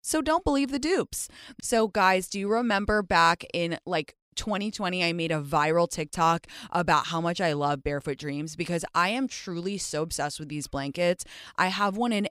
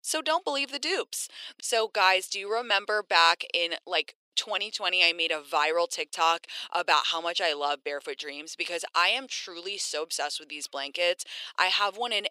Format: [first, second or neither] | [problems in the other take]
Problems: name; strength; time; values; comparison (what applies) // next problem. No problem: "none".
first | thin; very; fading below 400 Hz